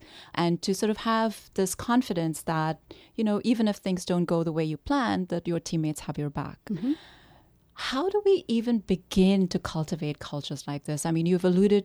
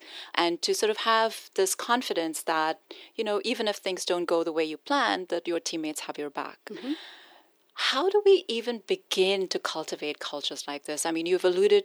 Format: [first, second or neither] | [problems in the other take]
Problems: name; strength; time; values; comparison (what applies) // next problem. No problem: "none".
first | thin; very; fading below 350 Hz